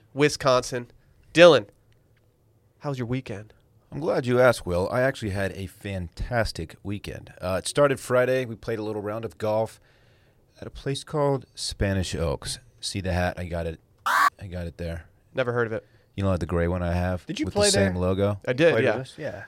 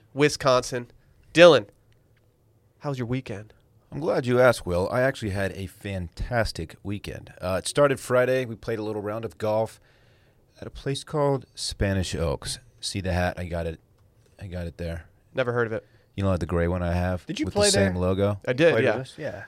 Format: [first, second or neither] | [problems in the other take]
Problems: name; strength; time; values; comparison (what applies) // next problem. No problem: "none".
second | alarm; loud; at 14 s; peak 4 dB above the speech